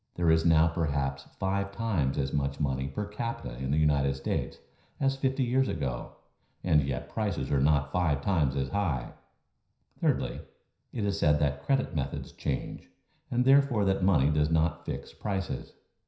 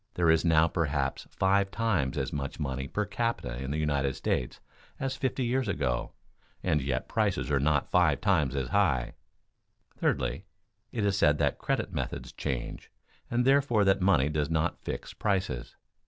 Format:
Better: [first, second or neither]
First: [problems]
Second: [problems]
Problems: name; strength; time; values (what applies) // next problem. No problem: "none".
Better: second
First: room echo; dies away in 0.5 s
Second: none